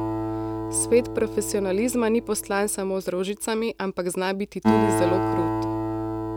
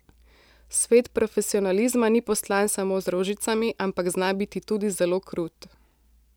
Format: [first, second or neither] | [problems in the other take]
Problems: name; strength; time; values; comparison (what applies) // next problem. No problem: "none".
second | background sound (Acoustic guitar); 1 dB below the speech